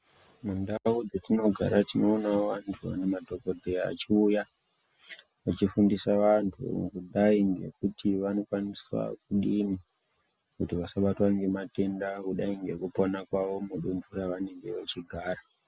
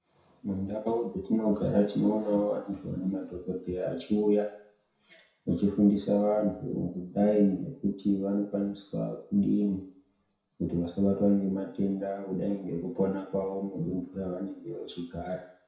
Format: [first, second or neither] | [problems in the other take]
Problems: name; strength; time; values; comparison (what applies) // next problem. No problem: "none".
first | room echo; dies away in 0.6 s